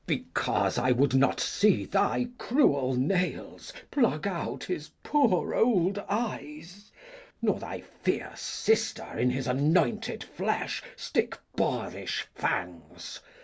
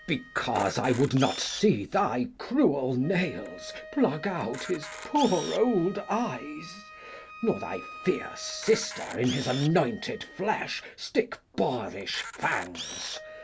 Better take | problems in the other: first | background sound (Wind instrument, woodwind instrument + Camera); 14 dB below the speech

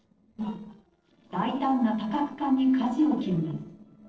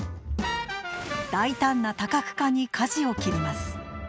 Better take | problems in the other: second | noise reduction (neural separator model SepFormer DNS4)

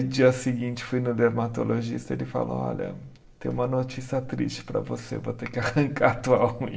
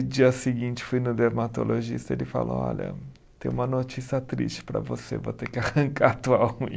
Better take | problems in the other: second | room echo; dies away in 0.6 s

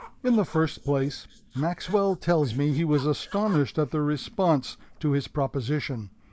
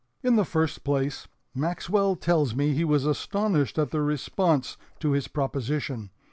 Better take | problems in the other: second | noise reduction (neural mask model Resemble Enhance denoiser)

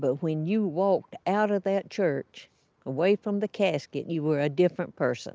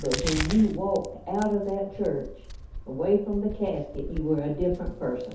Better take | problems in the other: first | background sound (Crack); 9 dB below the speech // room echo; dies away in 0.5 s

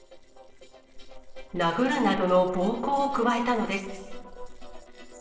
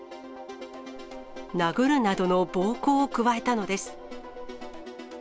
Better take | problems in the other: second | noise reduction (neural separator model SepFormer DNS4)

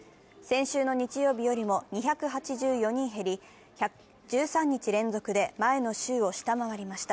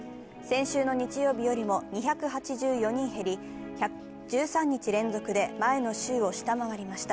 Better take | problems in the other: first | background sound (Guitar); 12 dB below the speech

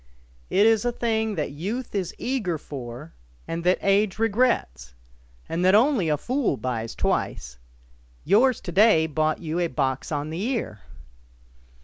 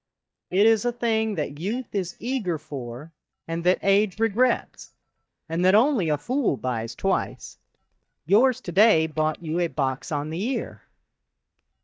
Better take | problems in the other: first | noise reduction (neural mask model DeepFilterNet 3)

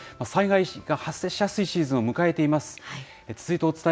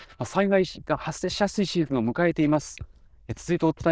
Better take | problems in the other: first | noise reduction (neural diffusion model UNIVERSE++)

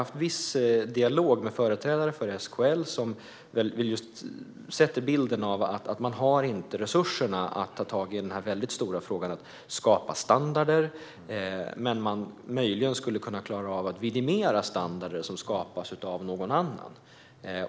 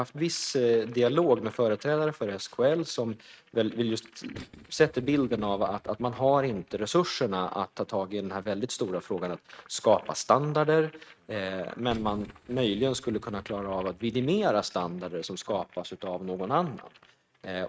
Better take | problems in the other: first | noise reduction (neural mask model RNNoise)

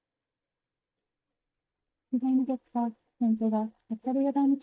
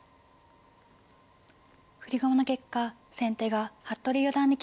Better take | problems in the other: second | noise reduction (neural mask model DeepFilterNet 3)

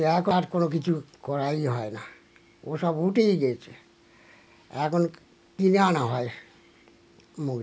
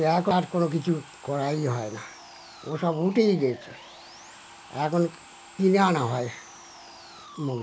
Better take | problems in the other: first | background sound (Sawing); 20 dB below the speech

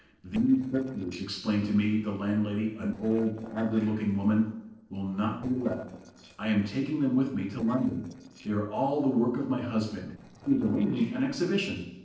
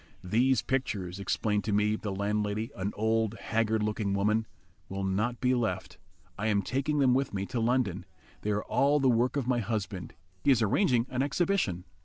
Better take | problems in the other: second | noise reduction (neural separator model SepFormer DNS4)

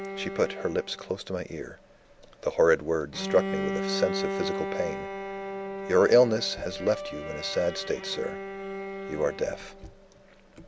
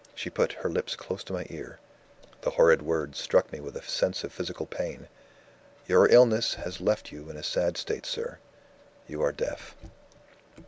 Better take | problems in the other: second | background sound (Bowed string instrument); 7 dB below the speech

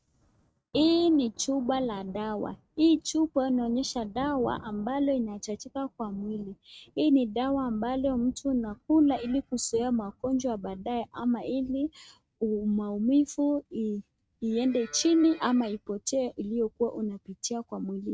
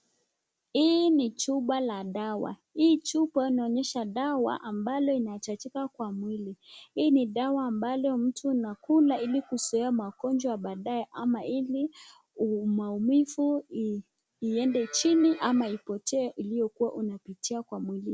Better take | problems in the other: second | noise reduction (neural mask model RNNoise)

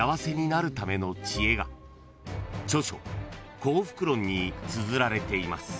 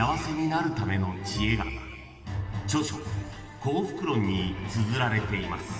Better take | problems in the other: first | room echo; dies away in 2.2 s

